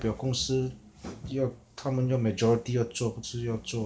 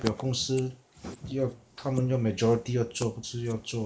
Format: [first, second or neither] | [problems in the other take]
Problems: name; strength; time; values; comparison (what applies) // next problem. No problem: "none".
first | noise reduction (neural mask model Resemble Enhance denoiser)